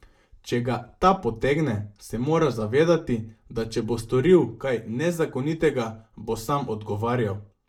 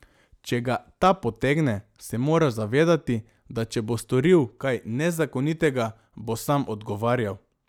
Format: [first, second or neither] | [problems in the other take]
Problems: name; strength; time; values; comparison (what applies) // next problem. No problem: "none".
second | room echo; dies away in 0.2 s